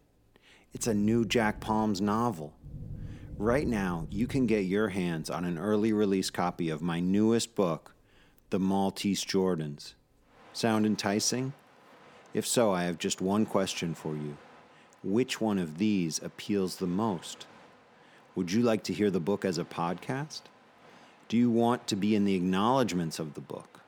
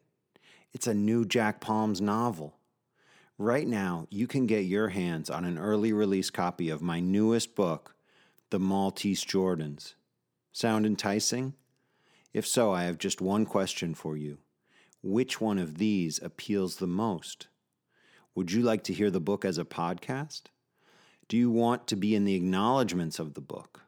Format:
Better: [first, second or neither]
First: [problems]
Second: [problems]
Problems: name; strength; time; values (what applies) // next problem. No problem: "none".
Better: second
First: rain or running water; faint; throughout; 20 dB below the speech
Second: none